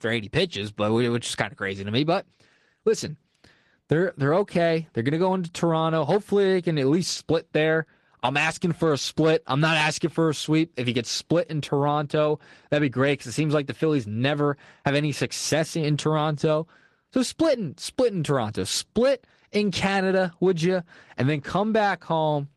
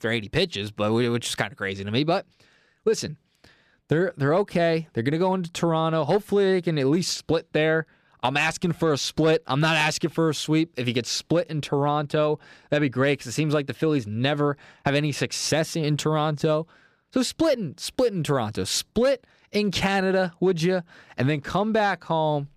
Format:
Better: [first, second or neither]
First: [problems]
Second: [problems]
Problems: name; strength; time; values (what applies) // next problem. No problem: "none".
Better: second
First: garbled, watery; slightly; nothing above 11.5 kHz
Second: none